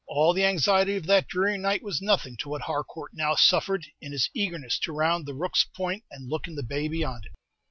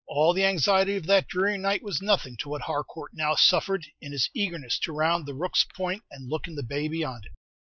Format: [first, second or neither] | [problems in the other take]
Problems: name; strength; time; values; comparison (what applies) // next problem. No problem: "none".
first | noise reduction (neural mask model Resemble Enhance denoiser)